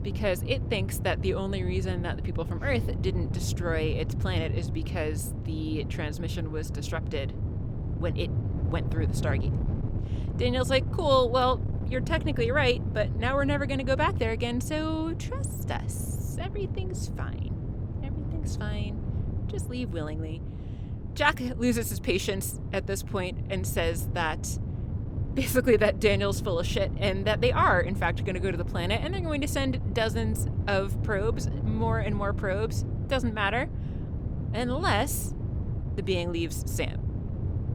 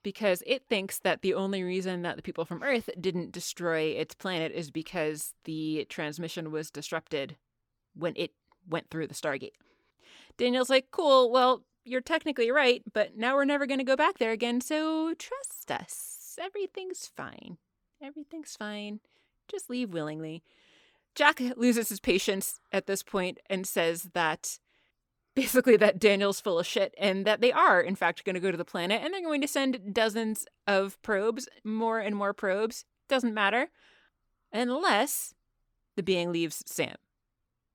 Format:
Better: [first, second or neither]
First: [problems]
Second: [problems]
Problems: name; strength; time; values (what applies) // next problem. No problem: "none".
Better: second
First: wind noise on the microphone; occasional gusts; 15 dB below the speech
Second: none